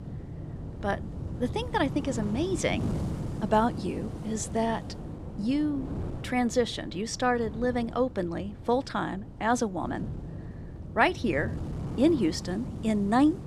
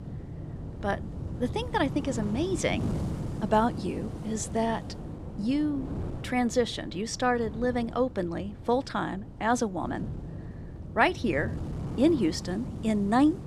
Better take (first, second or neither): neither